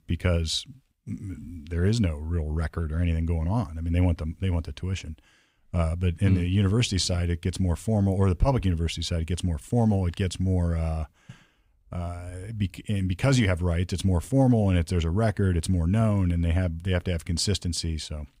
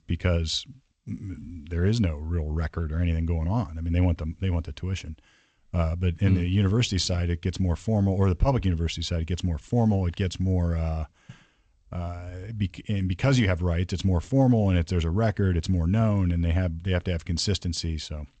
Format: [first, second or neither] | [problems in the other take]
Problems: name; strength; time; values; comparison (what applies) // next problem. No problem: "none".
first | garbled, watery; slightly; nothing above 8 kHz